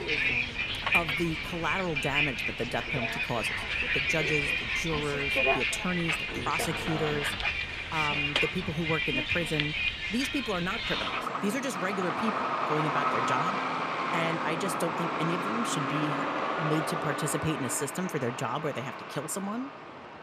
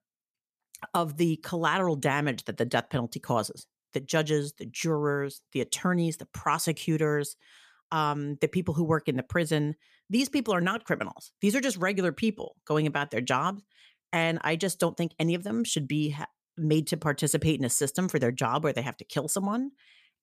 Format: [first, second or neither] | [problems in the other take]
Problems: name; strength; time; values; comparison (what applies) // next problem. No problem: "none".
second | traffic noise; very loud; throughout; 4 dB above the speech